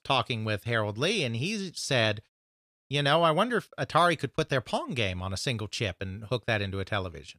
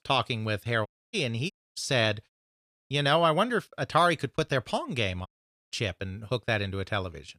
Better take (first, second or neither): first